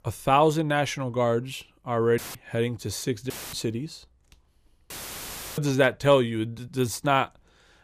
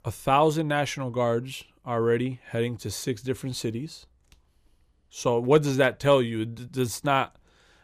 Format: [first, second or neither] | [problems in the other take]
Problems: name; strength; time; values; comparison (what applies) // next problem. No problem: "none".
second | audio cutting out; filled with static; at 2 s, at 3.5 s and at 5 s for 0.5 s